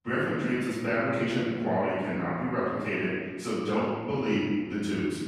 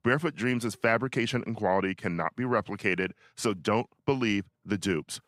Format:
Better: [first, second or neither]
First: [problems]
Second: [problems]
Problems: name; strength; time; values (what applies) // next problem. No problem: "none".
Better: second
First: off-mic speech; far // room echo; strong; dies away in 1.6 s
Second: none